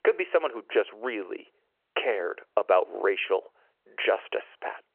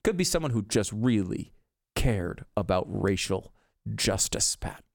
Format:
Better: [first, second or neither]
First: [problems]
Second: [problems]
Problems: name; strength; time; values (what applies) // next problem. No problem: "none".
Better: second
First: phone-call audio; nothing above 2.5 kHz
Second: none